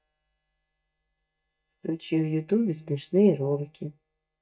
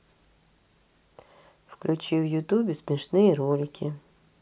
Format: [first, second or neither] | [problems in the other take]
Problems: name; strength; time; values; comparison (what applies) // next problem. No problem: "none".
second | noise reduction (neural mask model DeepFilterNet 3)